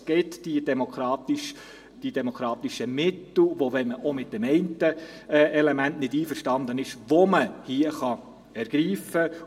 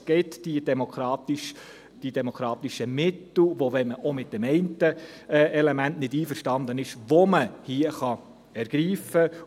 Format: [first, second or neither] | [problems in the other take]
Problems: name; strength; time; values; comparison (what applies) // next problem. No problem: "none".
second | room echo; dies away in 0.3 s